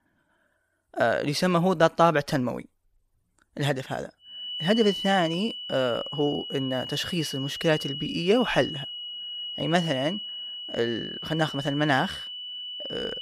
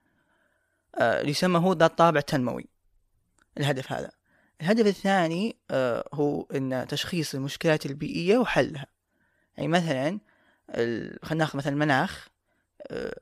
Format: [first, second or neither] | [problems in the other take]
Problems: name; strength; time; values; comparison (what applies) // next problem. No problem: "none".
second | high-pitched whine; loud; from 4.5 s on; 3 kHz, 7 dB below the speech